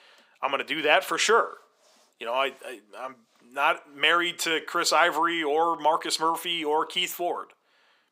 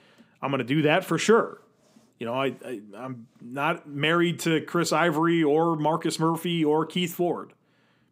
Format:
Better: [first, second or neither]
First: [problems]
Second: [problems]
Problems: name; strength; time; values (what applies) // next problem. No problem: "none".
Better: second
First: thin; very; fading below 700 Hz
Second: none